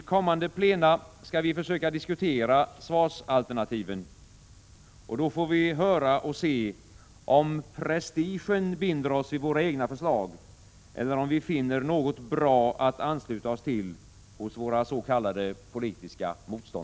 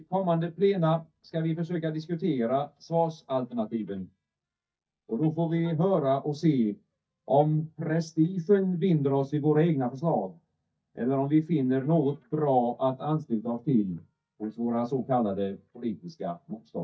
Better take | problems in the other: first | noise reduction (neural mask model DeepFilterNet 3)

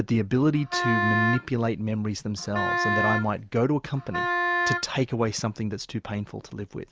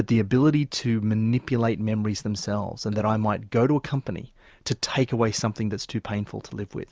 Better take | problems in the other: second | background sound (Wind instrument, woodwind instrument); 1 dB below the speech

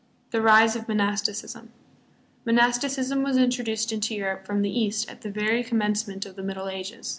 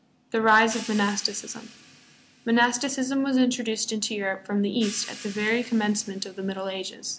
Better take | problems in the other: first | background sound (Hi-hat); 20 dB below the speech

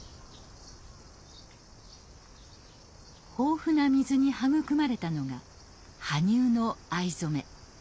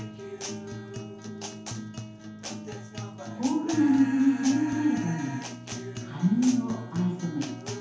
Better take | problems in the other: first | background sound (Guitar); 9 dB below the speech // room echo; dies away in 0.8 s

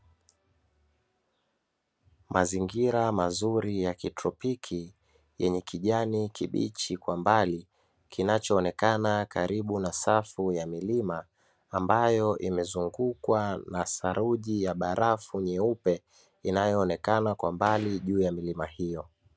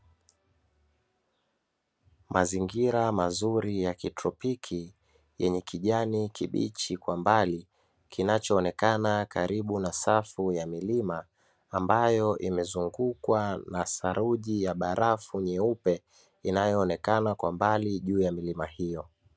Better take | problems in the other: second | background sound (Gunshot, gunfire); 20 dB below the speech

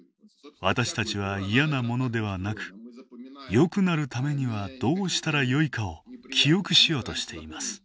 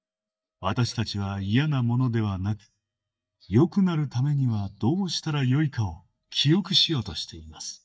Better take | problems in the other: first | noise reduction (neural mask model DeepFilterNet 3)

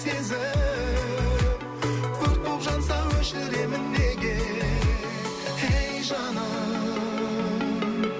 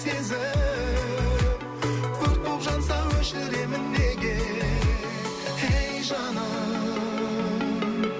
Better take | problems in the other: second | background sound (Brass instrument); 15 dB below the speech

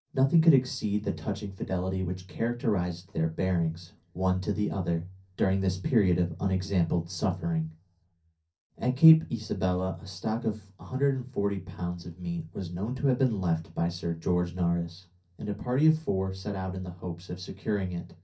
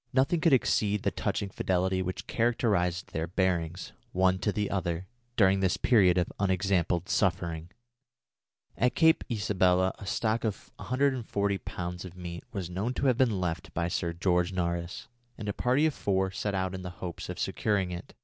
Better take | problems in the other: second | room echo; dies away in 0.3 s

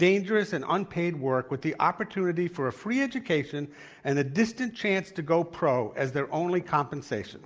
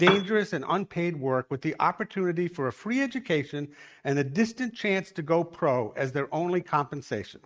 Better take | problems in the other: first | noise reduction (neural mask model RNNoise)

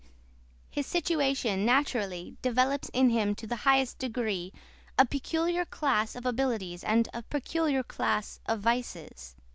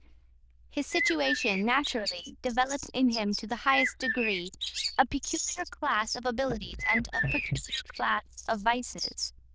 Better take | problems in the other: first | noise reduction (neural diffusion model UNIVERSE++)

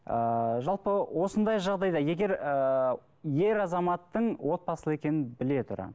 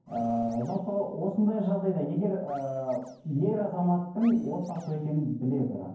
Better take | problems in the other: first | noise reduction (neural separator model SepFormer DNS4)

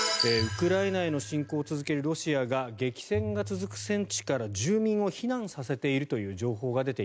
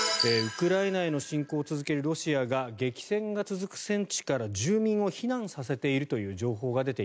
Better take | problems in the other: second | background sound (Bowed string instrument); 13 dB below the speech

